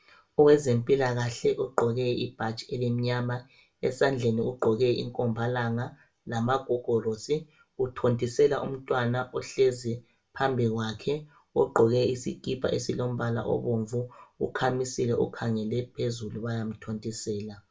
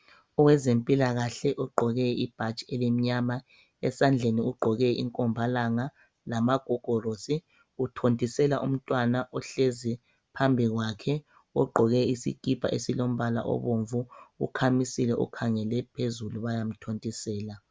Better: second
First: room echo; dies away in 0.2 s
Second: none

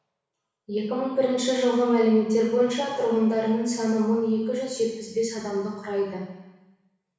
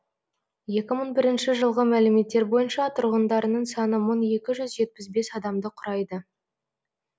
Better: second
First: room echo; dies away in 1.1 s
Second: none

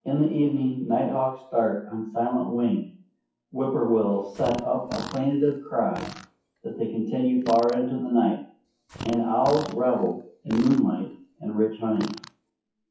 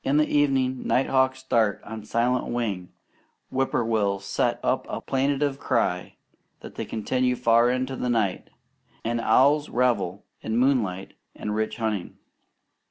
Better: second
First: noise reduction (classical method WPE with log-MMSE)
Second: none

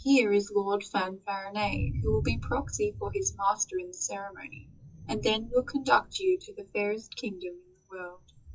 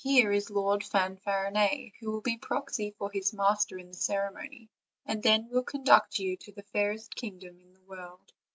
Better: second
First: noise reduction (classical method WPE with log-MMSE)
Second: none

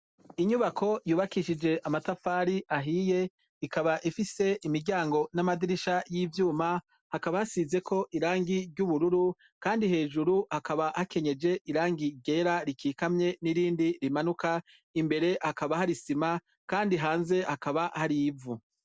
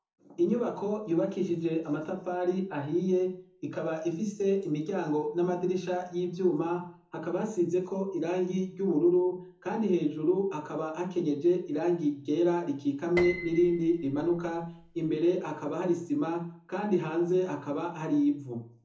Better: first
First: none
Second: background sound (Piano); 13 dB below the speech // room echo; dies away in 0.6 s

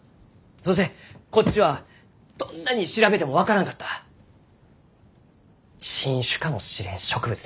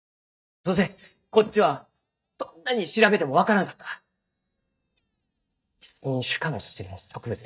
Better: first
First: none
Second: noise reduction (neural mask model DeepFilterNet 3)

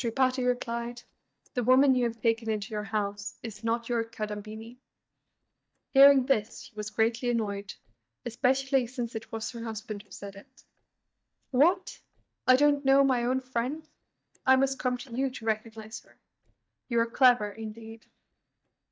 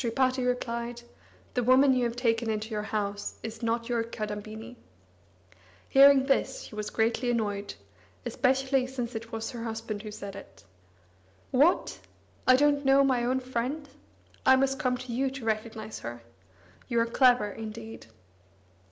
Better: second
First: noise reduction (neural mask model DeepFilterNet 3)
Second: none

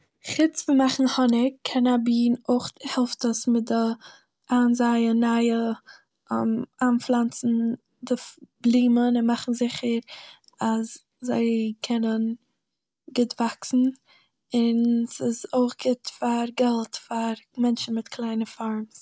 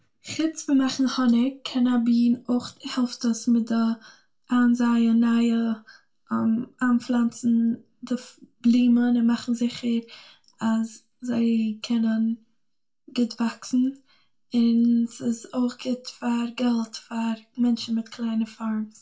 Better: first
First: none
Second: room echo; dies away in 0.2 s

